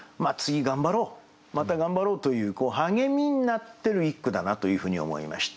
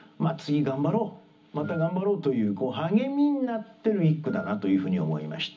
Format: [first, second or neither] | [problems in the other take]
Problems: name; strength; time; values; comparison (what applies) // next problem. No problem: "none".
first | background sound (Wind instrument, woodwind instrument); 20 dB below the speech // room echo; dies away in 0.4 s